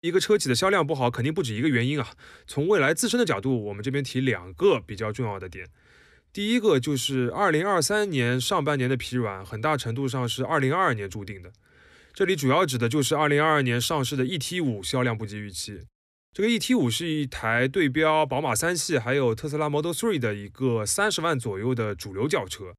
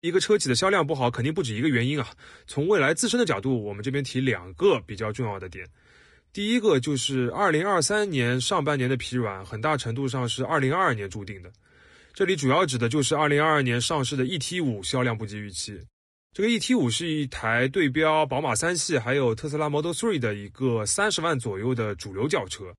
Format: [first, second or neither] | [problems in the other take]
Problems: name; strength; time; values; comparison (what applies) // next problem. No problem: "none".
first | garbled, watery; slightly; nothing above 10 kHz